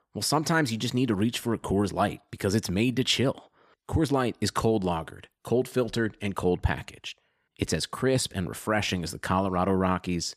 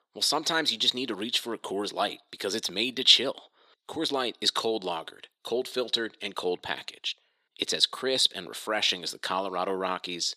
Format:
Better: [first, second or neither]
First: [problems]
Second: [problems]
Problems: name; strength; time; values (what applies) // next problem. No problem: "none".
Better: first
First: none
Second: thin; somewhat; fading below 400 Hz